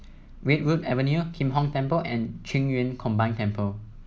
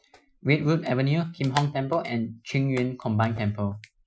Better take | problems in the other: first | noise reduction (classical method Wiener filter)

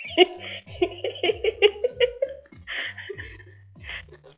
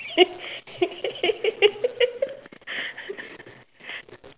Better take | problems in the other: second | noise reduction (classical method log-MMSE)

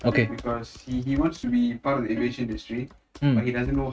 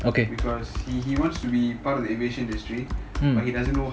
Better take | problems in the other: second | noise reduction (neural mask model RNNoise)

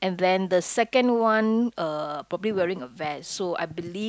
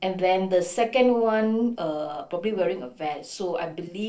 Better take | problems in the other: first | noise reduction (neural separator model SepFormer DNS4)

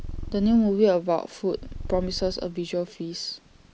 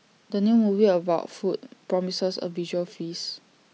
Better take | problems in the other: second | background sound (Purr); 12 dB below the speech

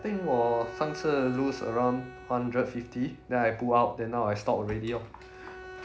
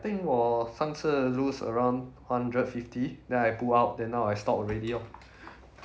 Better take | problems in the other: second | background sound (Bowed string instrument); 16 dB below the speech

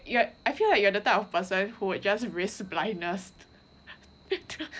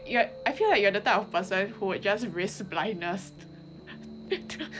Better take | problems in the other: first | background sound (Piano); 16 dB below the speech

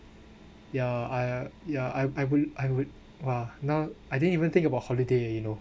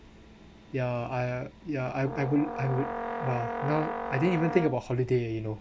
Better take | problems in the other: first | background sound (Brass instrument); 5 dB below the speech

